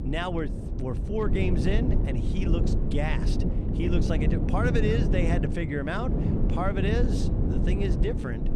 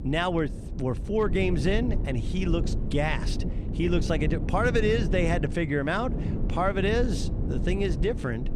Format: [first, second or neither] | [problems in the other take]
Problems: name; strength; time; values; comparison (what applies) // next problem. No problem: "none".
second | wind noise on the microphone; heavy; 4 dB below the speech; occasional gusts in the second